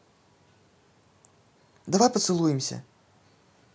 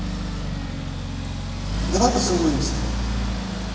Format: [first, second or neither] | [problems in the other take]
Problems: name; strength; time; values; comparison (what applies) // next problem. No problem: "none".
first | background sound (Accelerating, revving, vroom); 1 dB above the speech // room echo; dies away in 1.2 s